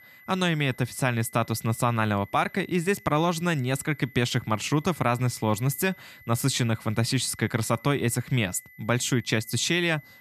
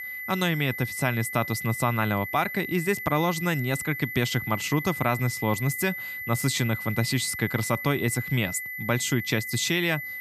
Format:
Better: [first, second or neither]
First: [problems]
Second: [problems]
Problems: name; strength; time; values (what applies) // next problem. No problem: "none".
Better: first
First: high-pitched whine; faint; throughout; 2 kHz, 25 dB below the speech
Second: high-pitched whine; loud; throughout; 2 kHz, 6 dB below the speech